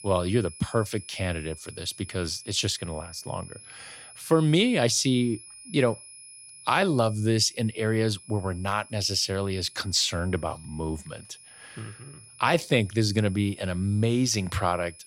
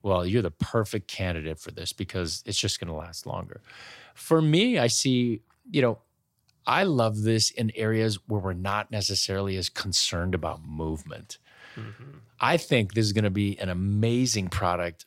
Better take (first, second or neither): second